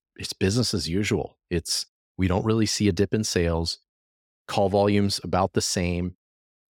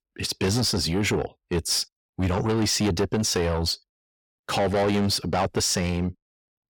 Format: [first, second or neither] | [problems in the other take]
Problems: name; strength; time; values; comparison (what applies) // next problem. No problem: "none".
first | distortion; heavy; 7 dB below the speech